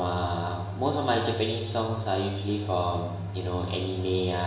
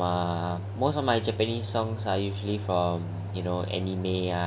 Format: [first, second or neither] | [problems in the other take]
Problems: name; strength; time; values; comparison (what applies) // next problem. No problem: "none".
second | room echo; dies away in 0.9 s